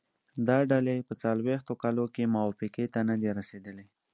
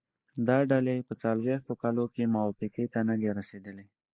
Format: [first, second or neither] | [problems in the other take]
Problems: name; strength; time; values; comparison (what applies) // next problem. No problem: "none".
first | noise reduction (neural mask model Resemble Enhance denoiser)